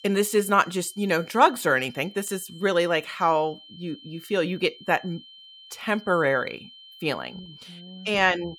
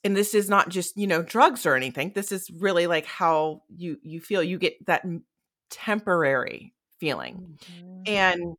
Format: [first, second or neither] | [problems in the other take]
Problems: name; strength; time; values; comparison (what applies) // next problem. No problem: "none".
second | high-pitched whine; faint; throughout; 3 kHz, 20 dB below the speech